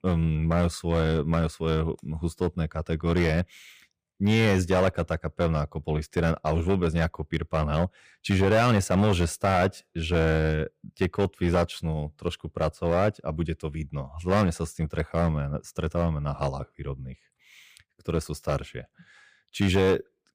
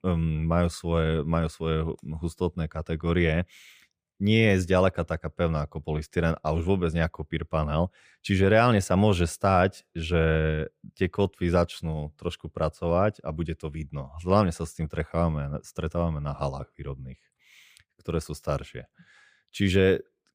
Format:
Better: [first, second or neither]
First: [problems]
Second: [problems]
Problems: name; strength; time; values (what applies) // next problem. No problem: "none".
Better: second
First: distortion; slight; 5% of the sound clipped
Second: none